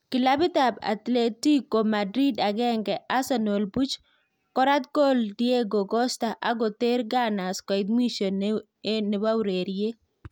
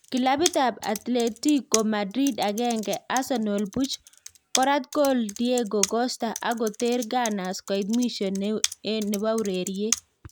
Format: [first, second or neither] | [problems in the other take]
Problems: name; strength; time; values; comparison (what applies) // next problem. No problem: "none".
first | background sound (Computer keyboard); 10 dB below the speech